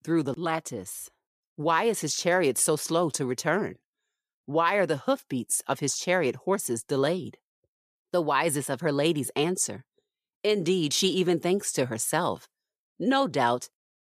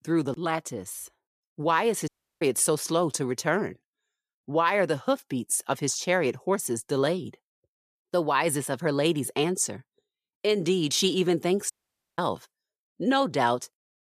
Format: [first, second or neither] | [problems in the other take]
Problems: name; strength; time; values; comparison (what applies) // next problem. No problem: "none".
first | audio cutting out; at 2 s and at 12 s